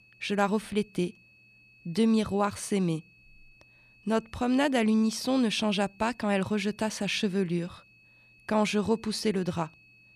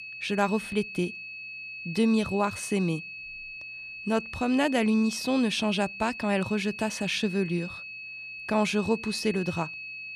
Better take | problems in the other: first | high-pitched whine; loud; throughout; 2.5 kHz, 10 dB below the speech; faint in the first

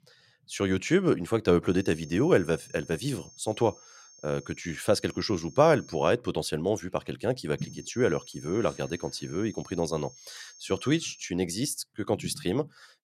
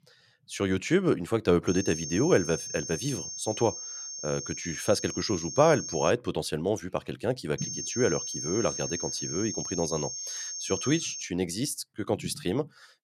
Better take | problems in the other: first | high-pitched whine; loud; from 1.5 to 6 s and from 7.5 to 11 s; 6.5 kHz, 5 dB below the speech; faint in the first

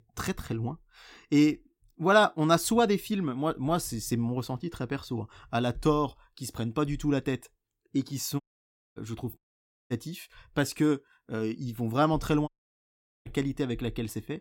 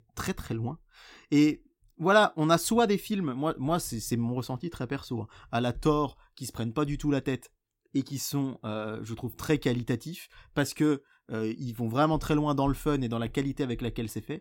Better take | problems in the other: second | audio cutting out; at 8.5 s for 0.5 s, at 9.5 s for 0.5 s and at 12 s for 1 s

